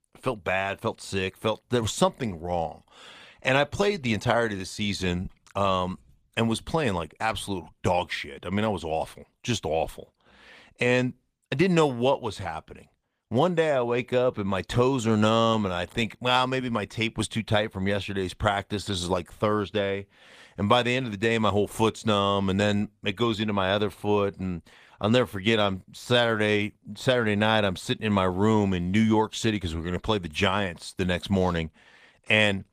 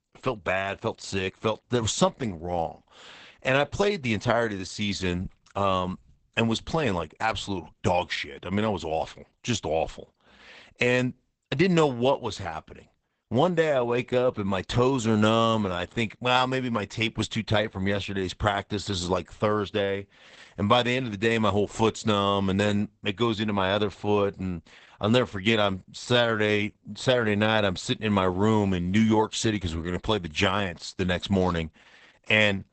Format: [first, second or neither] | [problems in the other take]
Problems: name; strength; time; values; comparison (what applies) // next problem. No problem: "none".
first | garbled, watery; badly; nothing above 8 kHz; slightly in the first